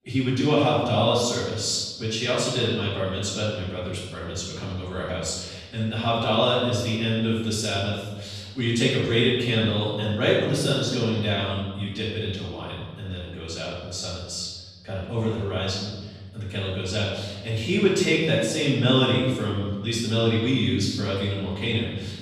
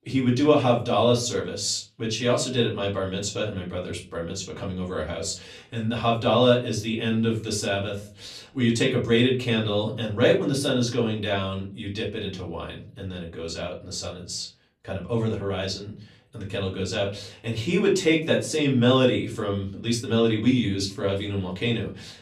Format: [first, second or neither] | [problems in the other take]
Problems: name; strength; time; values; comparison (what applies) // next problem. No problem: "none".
second | room echo; strong; dies away in 1.2 s; slight in the second // off-mic speech; far; far in the second